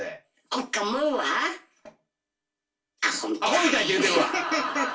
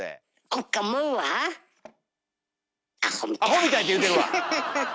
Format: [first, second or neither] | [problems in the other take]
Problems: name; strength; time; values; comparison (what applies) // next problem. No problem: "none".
second | room echo; dies away in 0.2 s